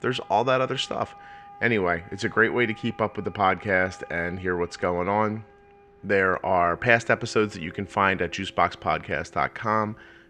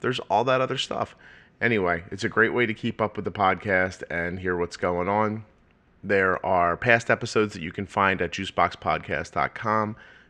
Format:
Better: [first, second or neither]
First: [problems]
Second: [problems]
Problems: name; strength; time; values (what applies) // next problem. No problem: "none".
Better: second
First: background music; faint; throughout; 25 dB below the speech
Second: none